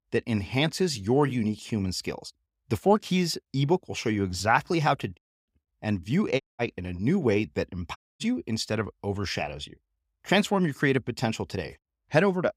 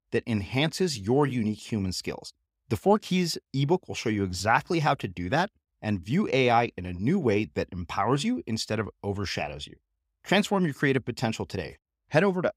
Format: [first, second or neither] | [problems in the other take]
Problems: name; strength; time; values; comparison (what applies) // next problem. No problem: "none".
second | audio cutting out; at 5 s, at 6.5 s and at 8 s